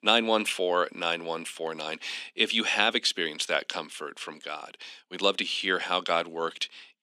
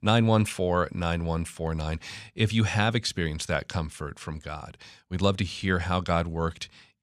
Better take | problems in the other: second | thin; somewhat; fading below 250 Hz

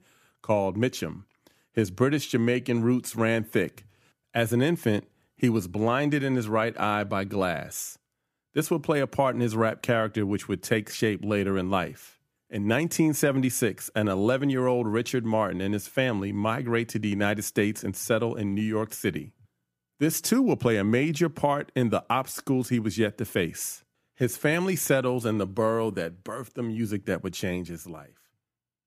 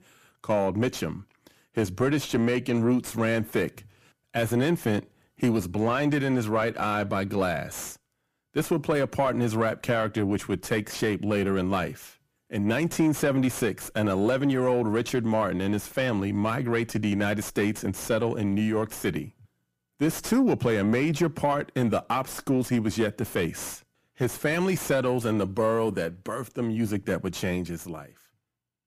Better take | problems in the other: first | distortion; slight; 10 dB below the speech

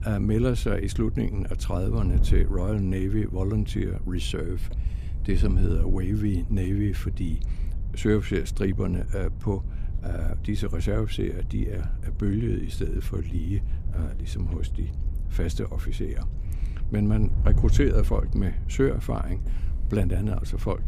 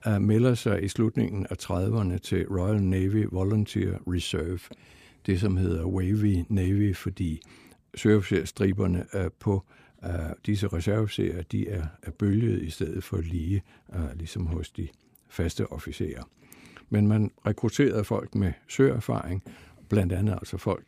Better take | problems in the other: second | wind noise on the microphone; occasional gusts; 15 dB below the speech

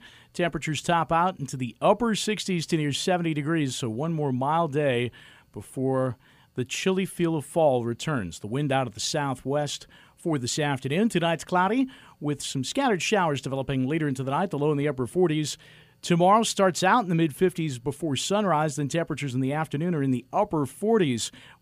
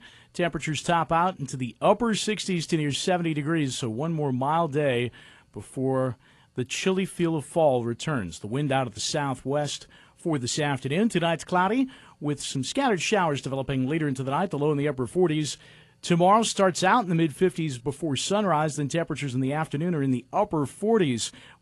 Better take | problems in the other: first | garbled, watery; slightly; nothing above 11 kHz

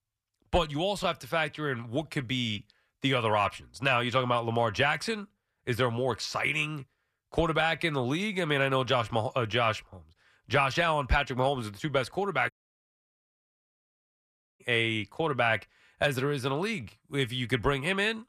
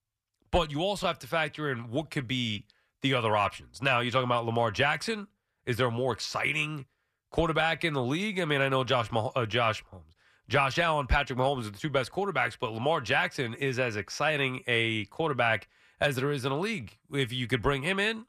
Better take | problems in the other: second | audio cutting out; at 13 s for 2 s

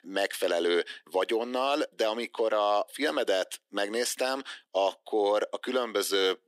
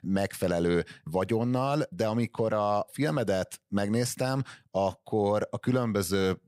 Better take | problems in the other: second | thin; somewhat; fading below 300 Hz

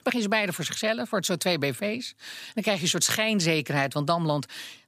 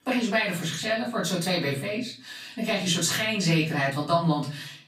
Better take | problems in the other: first | off-mic speech; far // room echo; slight; dies away in 0.4 s

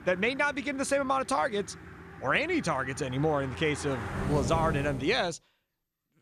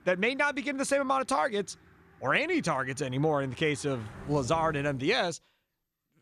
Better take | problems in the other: second | traffic noise; loud; until 5 s; 10 dB below the speech; faint in the second

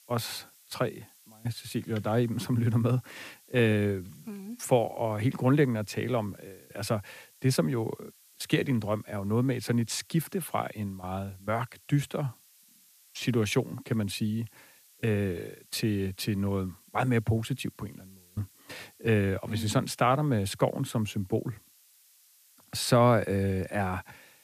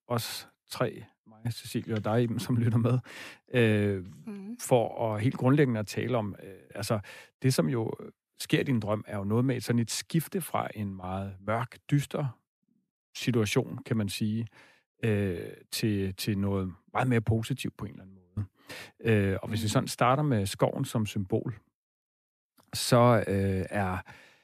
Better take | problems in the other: second | hiss; faint; throughout; 25 dB below the speech

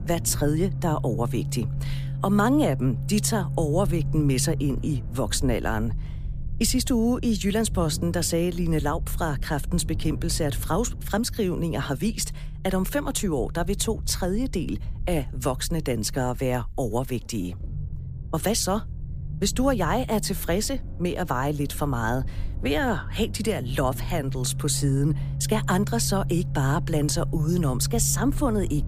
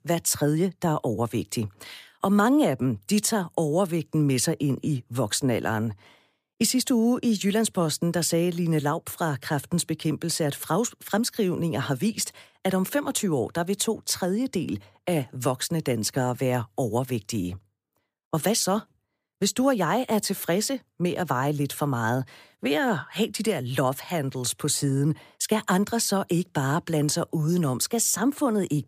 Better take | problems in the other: second | low rumble; noticeable; throughout; 15 dB below the speech

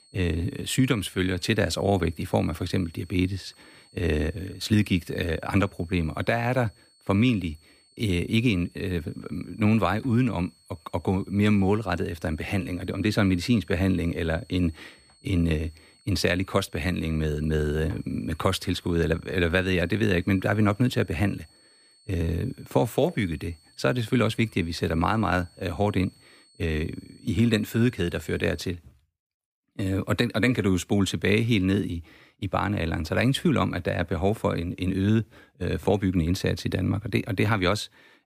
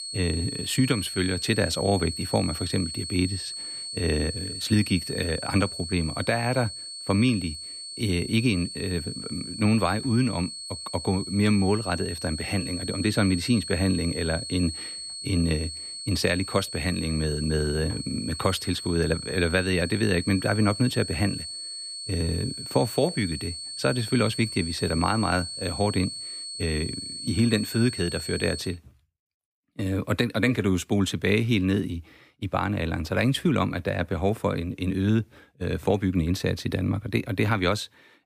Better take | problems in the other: first | high-pitched whine; loud; until 29 s; 4.5 kHz, 7 dB below the speech; faint in the first

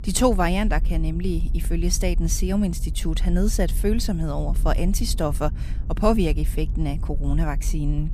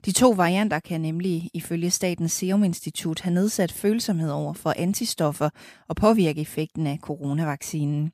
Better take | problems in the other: second | low rumble; noticeable; throughout; 20 dB below the speech

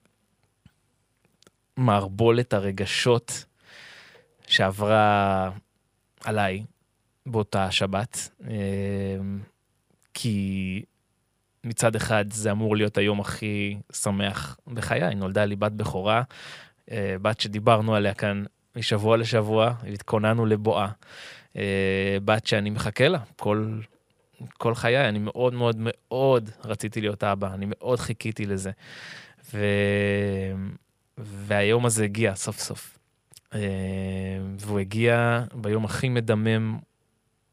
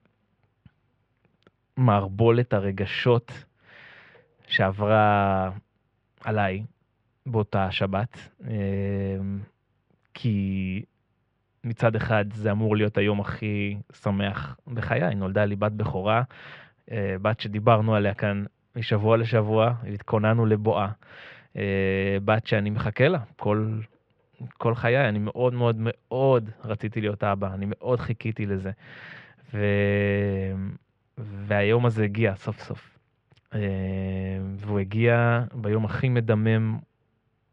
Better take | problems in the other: first | muffled; very; fading above 3 kHz

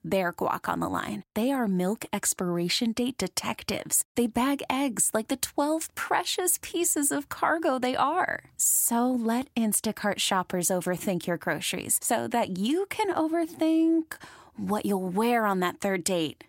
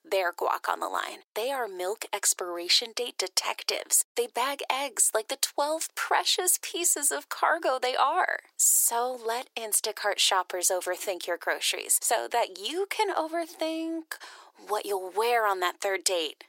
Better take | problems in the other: first | thin; very; fading below 400 Hz

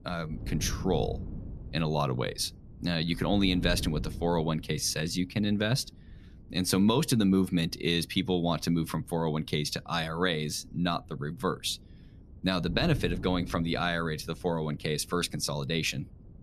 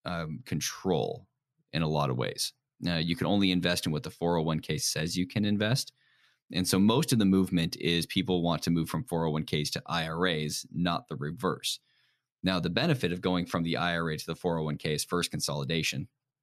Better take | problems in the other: second | wind noise on the microphone; occasional gusts; 20 dB below the speech

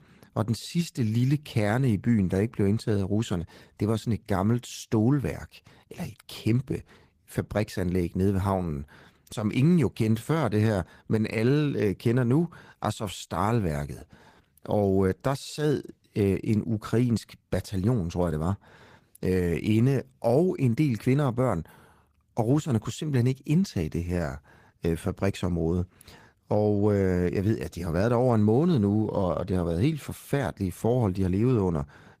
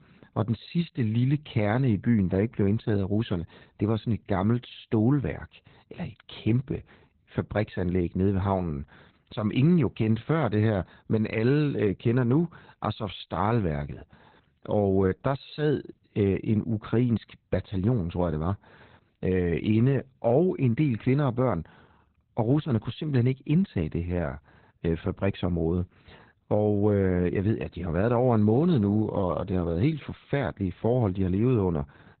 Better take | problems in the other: first | garbled, watery; badly; nothing above 4 kHz; slightly in the first

